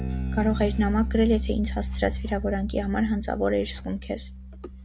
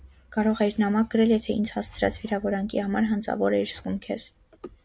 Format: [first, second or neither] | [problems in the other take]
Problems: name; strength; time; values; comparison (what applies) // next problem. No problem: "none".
second | background sound (Bass guitar); 4 dB below the speech